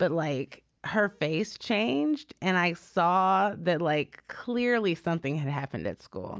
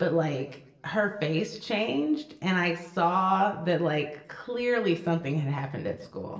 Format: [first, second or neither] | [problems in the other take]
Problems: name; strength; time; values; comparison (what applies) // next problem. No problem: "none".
first | room echo; dies away in 0.7 s